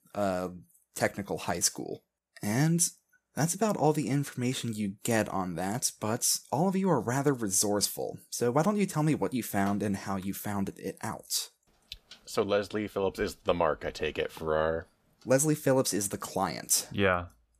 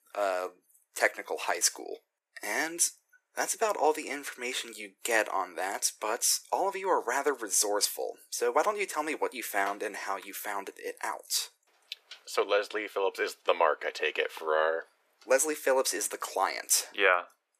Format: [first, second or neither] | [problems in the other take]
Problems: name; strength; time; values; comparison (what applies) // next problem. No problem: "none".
first | thin; very; fading below 350 Hz